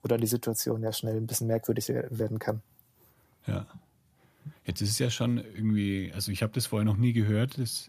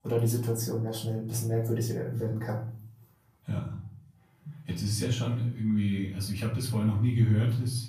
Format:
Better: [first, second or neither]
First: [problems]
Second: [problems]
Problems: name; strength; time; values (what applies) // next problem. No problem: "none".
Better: first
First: none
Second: room echo; slight; dies away in 0.6 s // off-mic speech; far